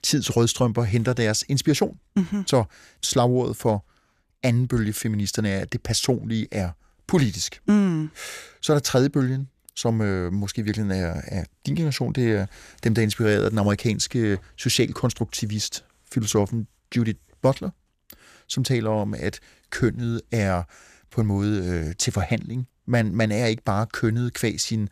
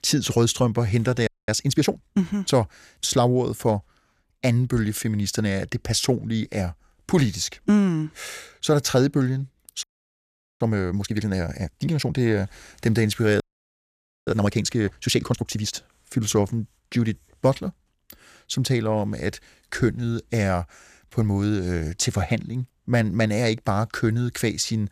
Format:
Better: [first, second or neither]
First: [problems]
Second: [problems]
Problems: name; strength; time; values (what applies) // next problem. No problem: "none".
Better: first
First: none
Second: audio freezing; at 1.5 s, at 10 s for 1 s and at 13 s for 1 s